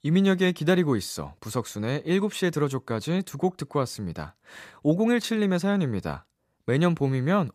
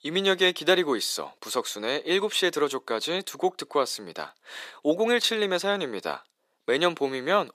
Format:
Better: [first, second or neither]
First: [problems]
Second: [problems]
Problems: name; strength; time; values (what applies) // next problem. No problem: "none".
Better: first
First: none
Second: thin; very; fading below 350 Hz